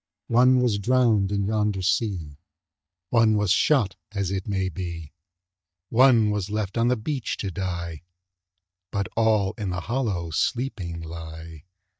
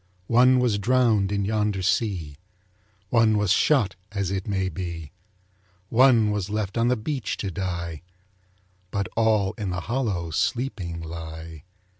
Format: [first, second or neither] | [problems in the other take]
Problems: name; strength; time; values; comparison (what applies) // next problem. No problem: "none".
second | noise reduction (neural mask model DeepFilterNet 3)